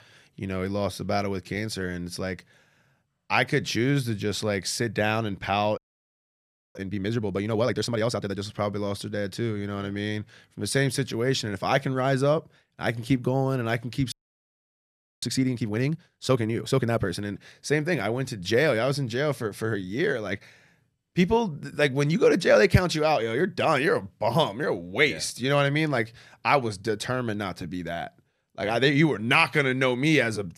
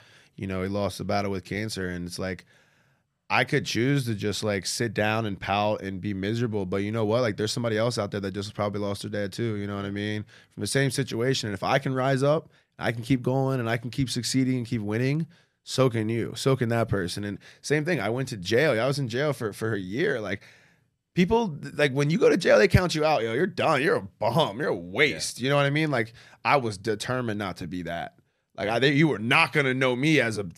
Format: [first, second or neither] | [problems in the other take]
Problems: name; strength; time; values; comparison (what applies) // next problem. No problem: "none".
second | audio freezing; at 6 s for 1 s and at 14 s for 1 s